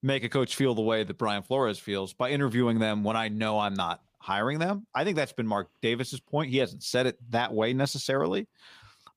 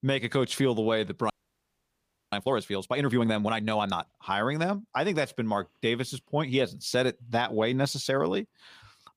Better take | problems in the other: first | audio freezing; at 1.5 s for 1 s

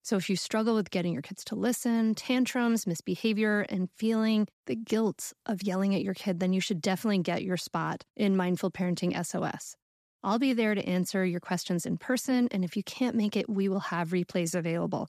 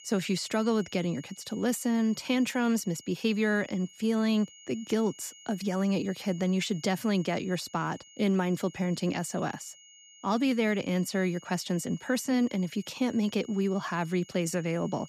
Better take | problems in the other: first | high-pitched whine; faint; throughout; 6.5 kHz, 20 dB below the speech

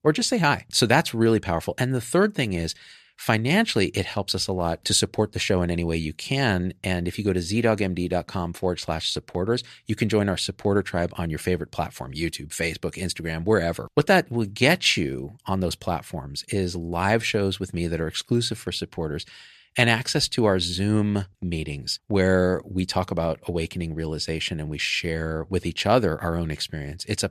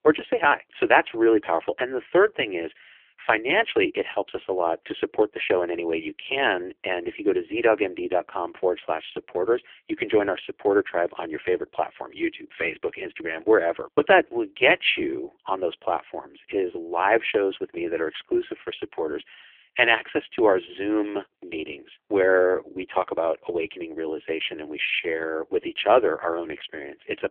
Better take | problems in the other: first | phone-call audio; poor line; nothing above 3.5 kHz

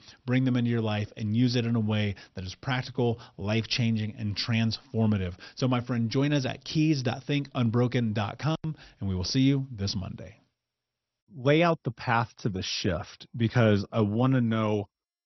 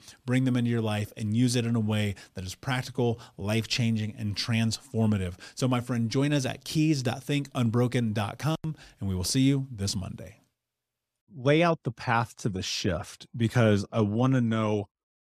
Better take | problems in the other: second | garbled, watery; slightly; nothing above 6 kHz

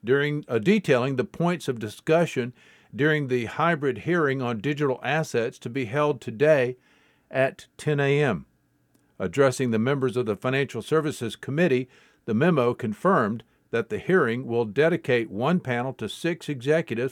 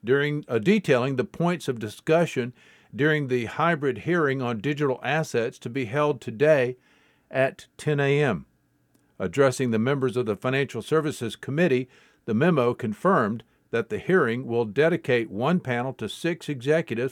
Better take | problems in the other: neither | none

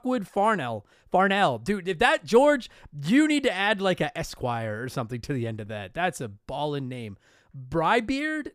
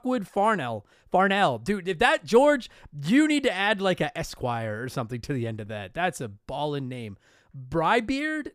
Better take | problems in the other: neither | none

